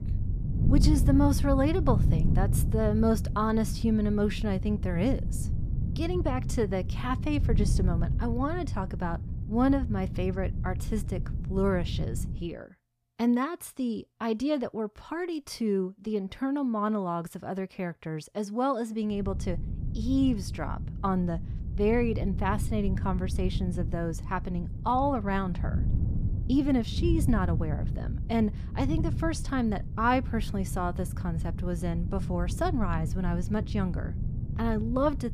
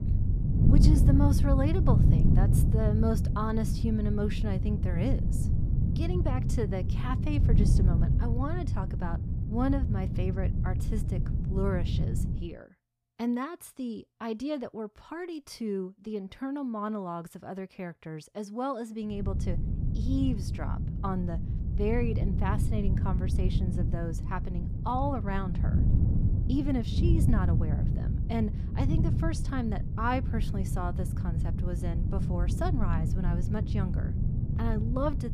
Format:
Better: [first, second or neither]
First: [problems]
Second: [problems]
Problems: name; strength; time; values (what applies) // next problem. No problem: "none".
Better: first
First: wind noise on the microphone; occasional gusts; until 12 s and from 19 s on; 10 dB below the speech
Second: wind noise on the microphone; heavy; until 12 s and from 19 s on; 5 dB below the speech